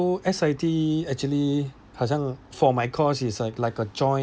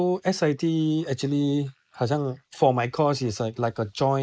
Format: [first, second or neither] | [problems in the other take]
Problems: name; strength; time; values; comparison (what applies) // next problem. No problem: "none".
first | noise reduction (neural mask model Resemble Enhance denoiser)